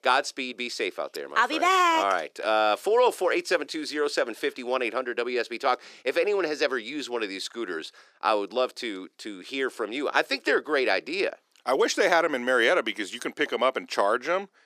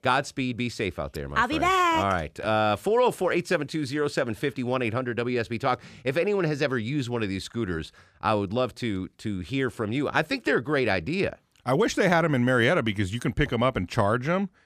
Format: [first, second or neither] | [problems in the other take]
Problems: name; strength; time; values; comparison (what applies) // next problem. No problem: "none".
second | thin; somewhat; fading below 350 Hz